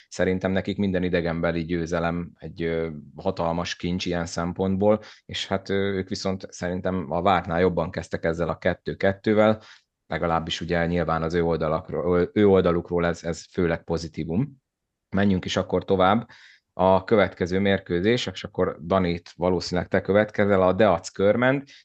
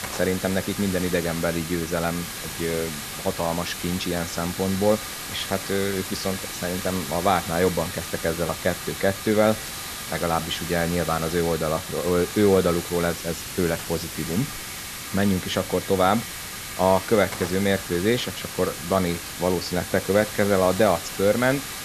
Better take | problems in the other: first | hiss; loud; throughout; 7 dB below the speech

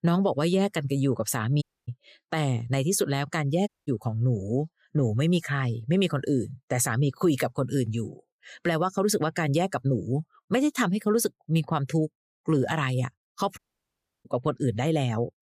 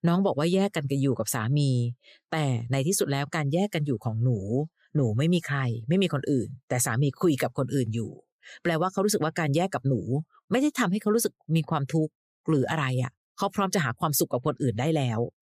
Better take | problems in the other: second | audio cutting out; at 1.5 s, at 3.5 s and at 14 s for 0.5 s

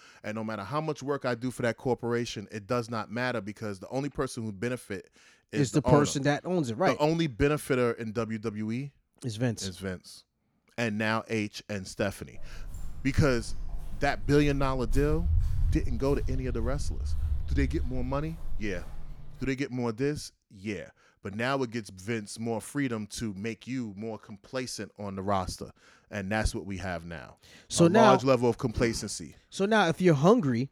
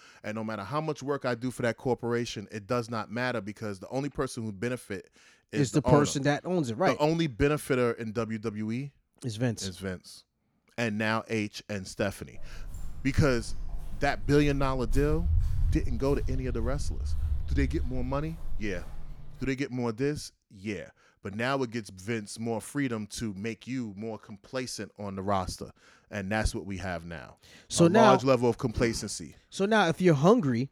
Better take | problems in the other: neither | footsteps; loud; from 12 to 19 s; peak level with the speech; the same in both

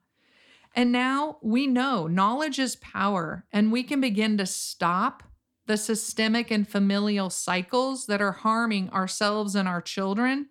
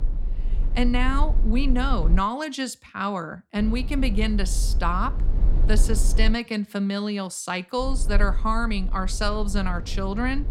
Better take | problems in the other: first | low rumble; noticeable; until 2 s, from 3.5 to 6.5 s and from 8 s on; 15 dB below the speech

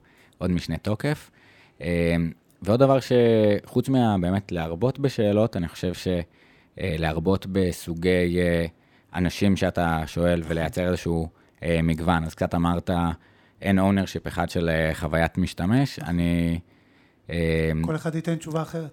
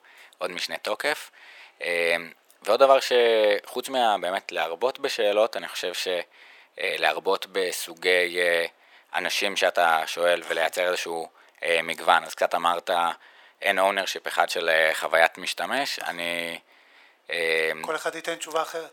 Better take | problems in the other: first | thin; very; fading below 600 Hz

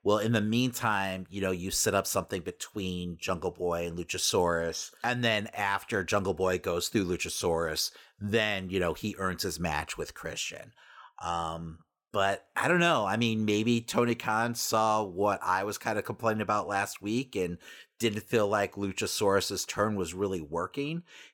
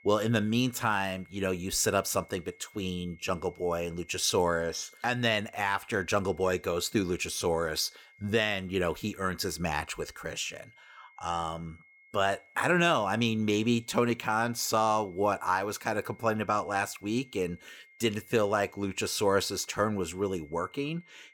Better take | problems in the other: first | high-pitched whine; faint; throughout; 2 kHz, 25 dB below the speech

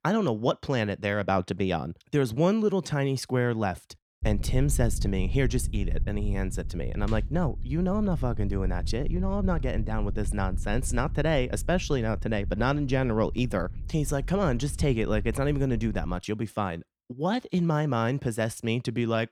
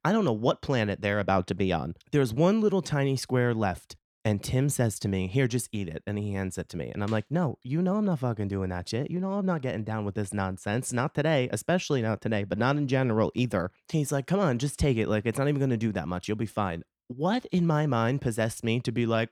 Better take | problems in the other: second | low rumble; faint; from 4 to 16 s; 20 dB below the speech

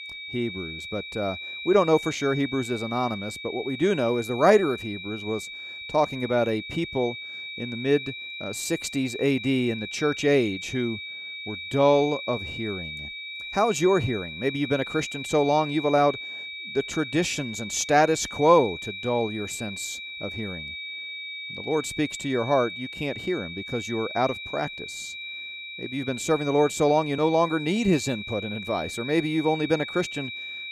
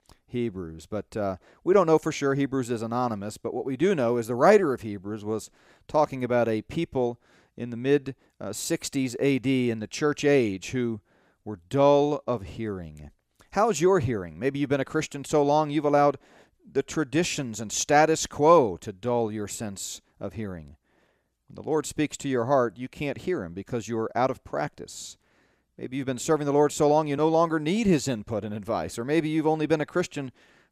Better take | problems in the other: second | high-pitched whine; loud; throughout; 2.5 kHz, 9 dB below the speech

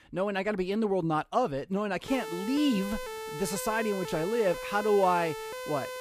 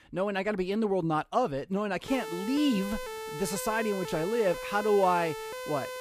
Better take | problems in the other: neither | siren; noticeable; from 2 s on; peak 8 dB below the speech; the same in both

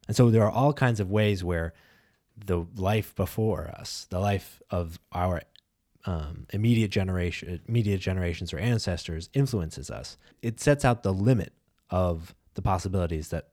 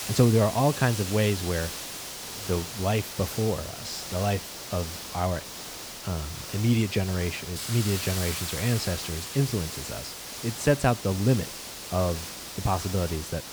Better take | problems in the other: first | hiss; loud; throughout; 7 dB below the speech

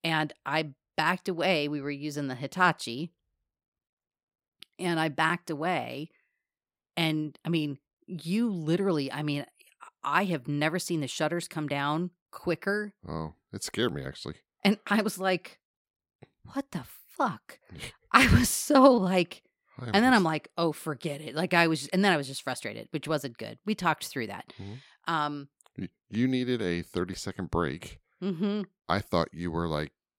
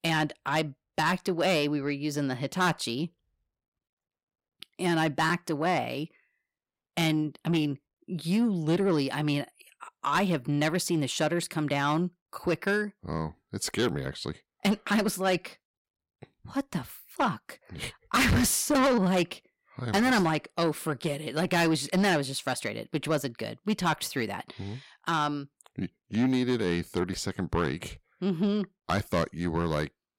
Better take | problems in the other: first | distortion; heavy; 7 dB below the speech

